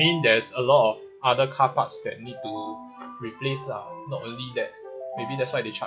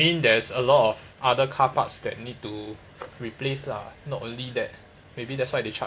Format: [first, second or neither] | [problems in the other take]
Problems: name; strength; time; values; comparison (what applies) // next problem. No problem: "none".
second | noise reduction (classical method log-MMSE)